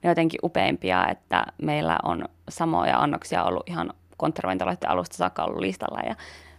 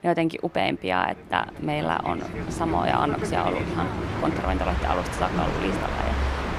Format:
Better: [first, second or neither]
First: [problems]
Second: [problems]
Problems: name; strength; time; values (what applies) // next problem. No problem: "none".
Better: first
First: none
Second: train or aircraft noise; loud; throughout; 2 dB below the speech